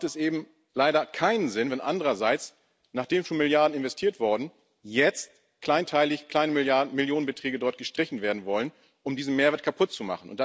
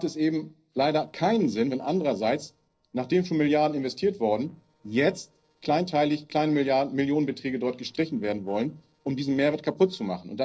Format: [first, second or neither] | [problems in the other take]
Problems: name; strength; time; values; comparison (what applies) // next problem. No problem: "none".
first | noise reduction (neural separator model SepFormer DNS4)